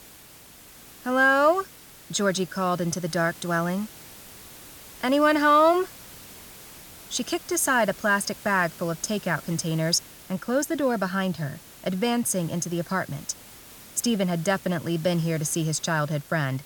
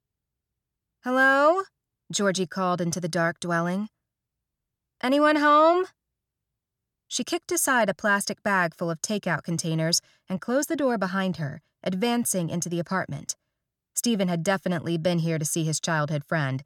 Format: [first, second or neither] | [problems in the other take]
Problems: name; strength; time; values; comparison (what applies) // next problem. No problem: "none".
second | hiss; noticeable; throughout; 20 dB below the speech